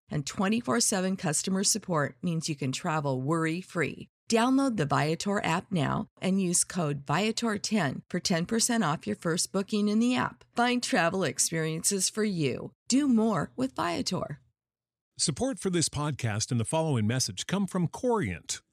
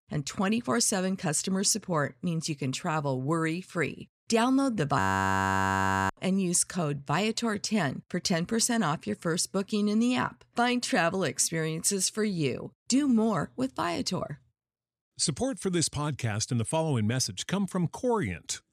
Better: first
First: none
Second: audio freezing; at 5 s for 1 s

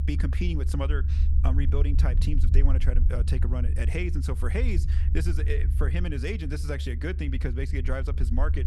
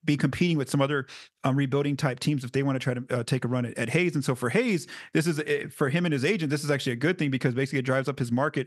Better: second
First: low rumble; loud; throughout; 8 dB below the speech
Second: none

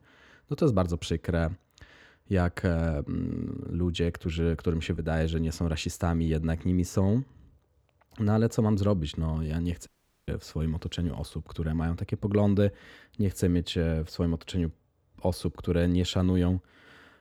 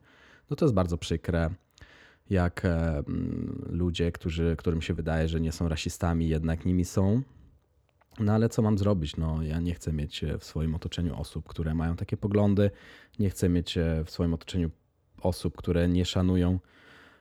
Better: second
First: audio cutting out; at 10 s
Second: none

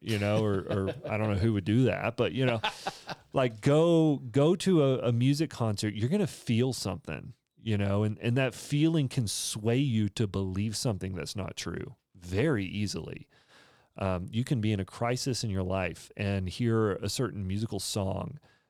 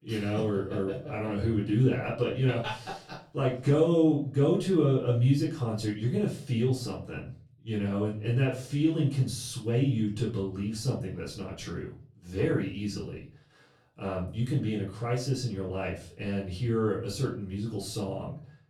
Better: first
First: none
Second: off-mic speech; far // room echo; slight; dies away in 0.4 s

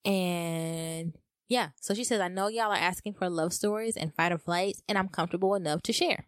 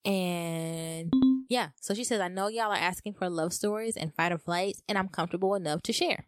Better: first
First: none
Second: phone ringing; loud; at 1 s; peak 6 dB above the speech

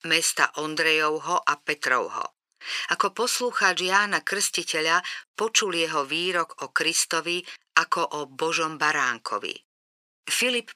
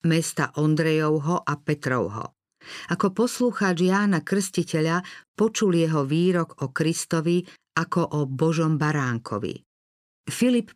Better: second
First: thin; very; fading below 750 Hz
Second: none

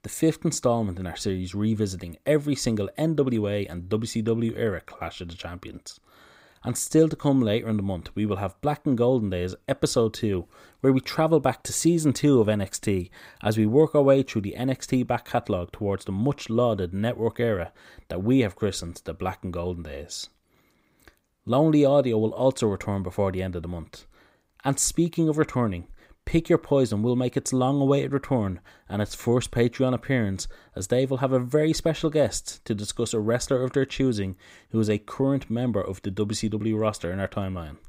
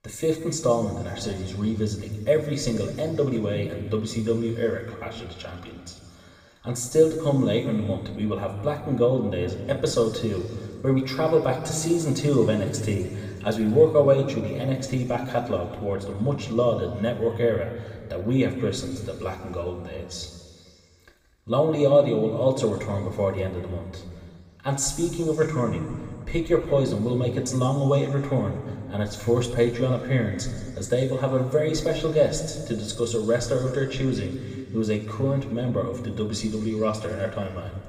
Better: first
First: none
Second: room echo; noticeable; dies away in 2 s // off-mic speech; somewhat distant

